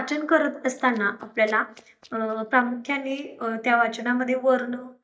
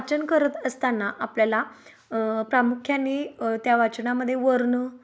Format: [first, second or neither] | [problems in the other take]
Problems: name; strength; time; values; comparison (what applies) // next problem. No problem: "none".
second | noise reduction (neural mask model DeepFilterNet 3)